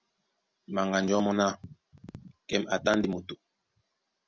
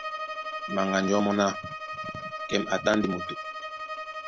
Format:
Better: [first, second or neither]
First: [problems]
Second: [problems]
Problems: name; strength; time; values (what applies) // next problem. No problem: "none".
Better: first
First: none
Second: background sound (Bowed string instrument); 6 dB below the speech